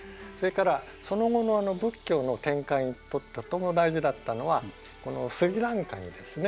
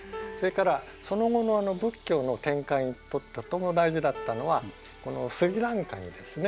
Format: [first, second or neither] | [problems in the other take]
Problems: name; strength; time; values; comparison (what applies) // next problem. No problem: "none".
first | background sound (Piano); 16 dB below the speech